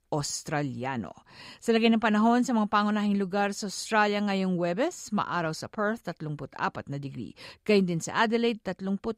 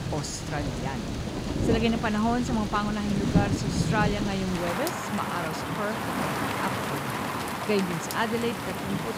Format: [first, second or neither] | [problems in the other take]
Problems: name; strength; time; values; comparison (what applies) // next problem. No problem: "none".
first | rain or running water; very loud; throughout; as loud as the speech